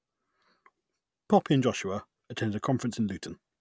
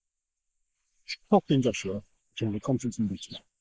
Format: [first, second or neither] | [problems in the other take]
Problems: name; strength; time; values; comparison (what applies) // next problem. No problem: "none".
first | noise reduction (neural mask model Resemble Enhance denoiser)